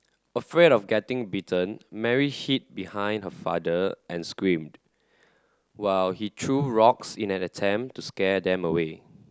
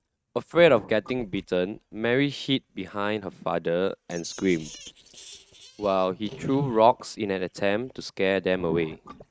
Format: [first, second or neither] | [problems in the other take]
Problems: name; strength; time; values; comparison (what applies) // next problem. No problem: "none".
first | noise reduction (neural mask model RNNoise)